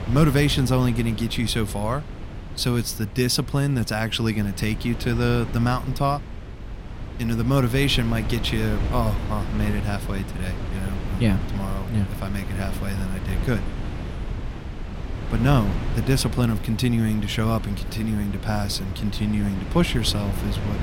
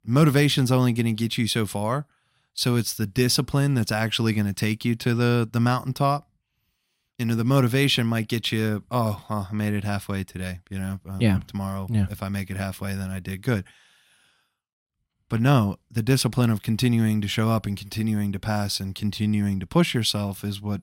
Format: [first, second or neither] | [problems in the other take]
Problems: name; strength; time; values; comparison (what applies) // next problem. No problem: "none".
second | wind noise on the microphone; occasional gusts; 10 dB below the speech